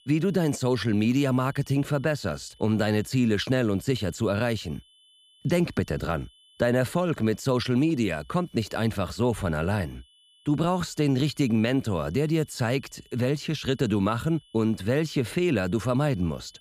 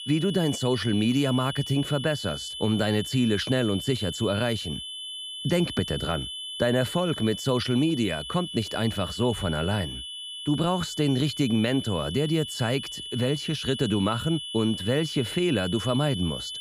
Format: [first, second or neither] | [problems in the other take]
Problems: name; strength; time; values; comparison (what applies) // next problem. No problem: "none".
first | high-pitched whine; loud; throughout; 3 kHz, 7 dB below the speech; faint in the first